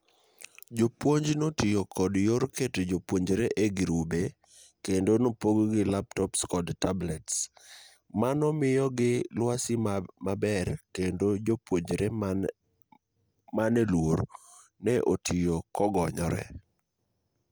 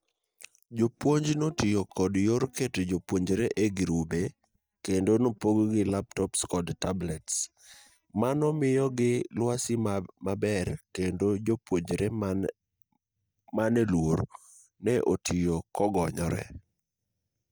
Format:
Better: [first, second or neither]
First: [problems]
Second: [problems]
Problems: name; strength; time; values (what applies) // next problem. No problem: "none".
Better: first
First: none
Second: noise reduction (neural mask model DeepFilterNet 3)